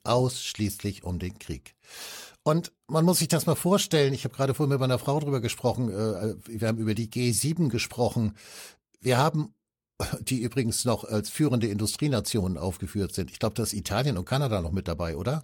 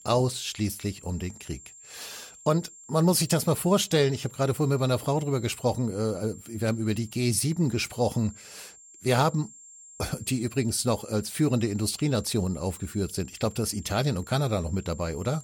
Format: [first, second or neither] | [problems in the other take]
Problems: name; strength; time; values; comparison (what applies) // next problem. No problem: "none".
first | high-pitched whine; noticeable; throughout; 7.5 kHz, 20 dB below the speech